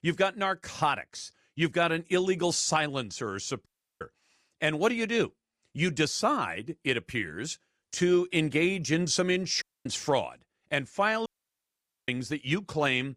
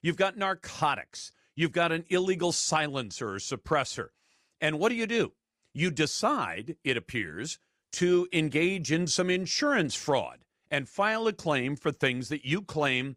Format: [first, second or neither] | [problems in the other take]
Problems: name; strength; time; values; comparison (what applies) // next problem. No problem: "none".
second | audio cutting out; at 3.5 s, at 9.5 s and at 11 s for 1 s